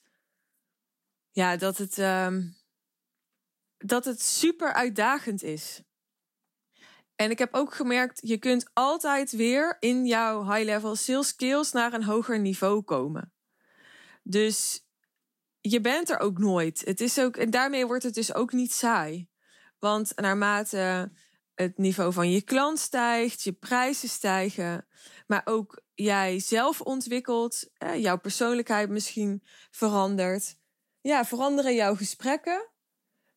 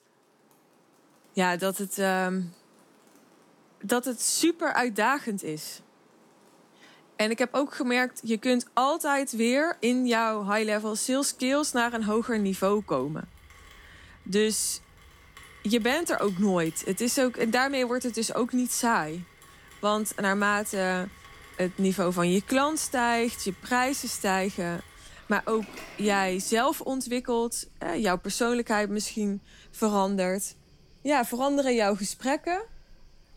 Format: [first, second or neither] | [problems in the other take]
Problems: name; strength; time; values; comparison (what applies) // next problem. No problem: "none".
first | rain or running water; faint; throughout; 25 dB below the speech